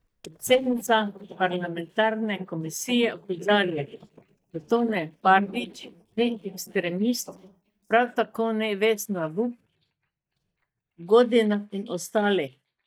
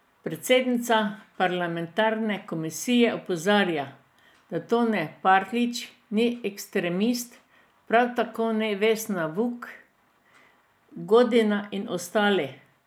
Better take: second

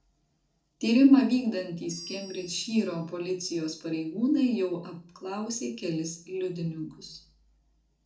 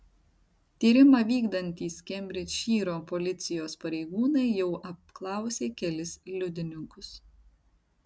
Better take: second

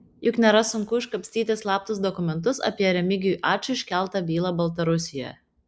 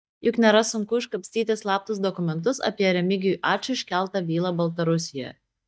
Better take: first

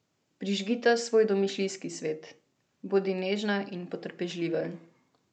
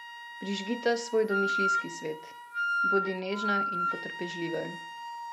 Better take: first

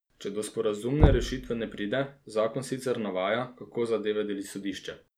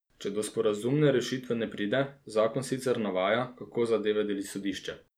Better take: second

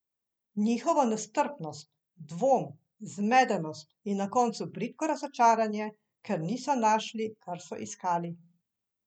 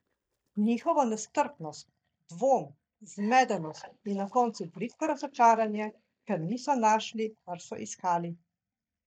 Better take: first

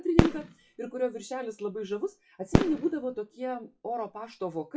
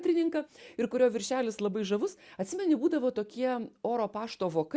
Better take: second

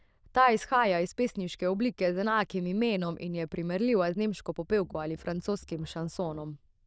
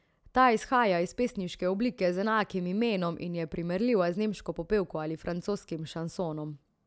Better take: second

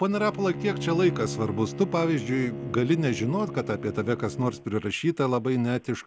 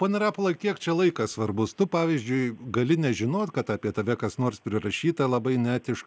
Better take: second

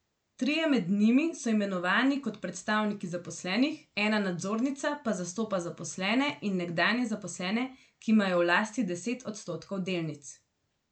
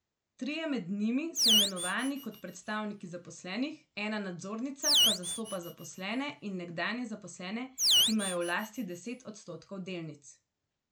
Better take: first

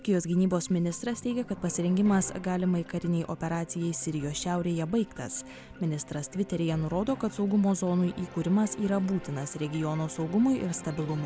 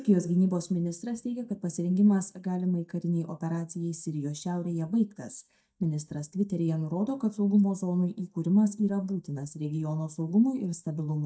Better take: first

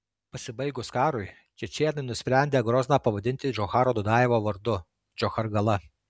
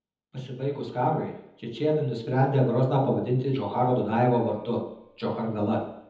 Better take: first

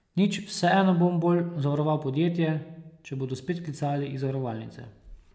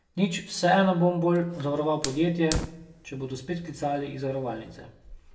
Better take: first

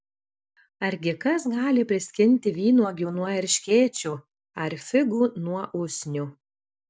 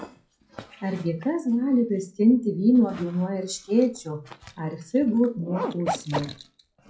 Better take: first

